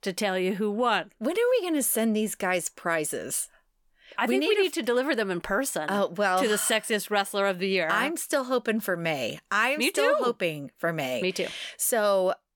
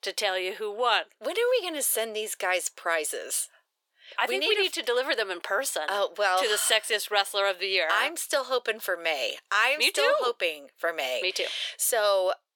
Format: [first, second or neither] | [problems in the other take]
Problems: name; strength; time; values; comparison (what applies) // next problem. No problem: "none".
first | thin; very; fading below 400 Hz